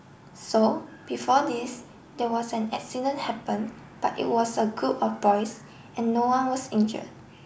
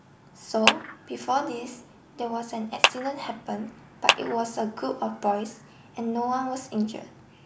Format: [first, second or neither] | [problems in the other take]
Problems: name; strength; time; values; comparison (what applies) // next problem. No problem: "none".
first | background sound (Clapping); 2 dB above the speech